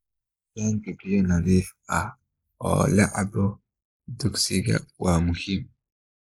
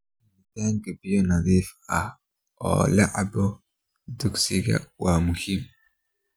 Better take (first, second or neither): second